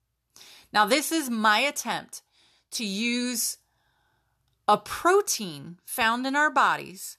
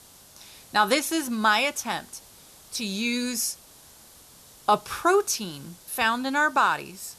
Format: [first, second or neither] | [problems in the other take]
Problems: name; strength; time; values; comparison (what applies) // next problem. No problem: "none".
first | hiss; faint; throughout; 25 dB below the speech